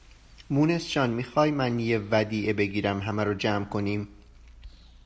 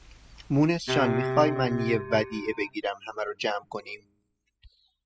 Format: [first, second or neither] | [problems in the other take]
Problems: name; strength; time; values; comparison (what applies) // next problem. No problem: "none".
first | noise reduction (classical method spectral subtraction)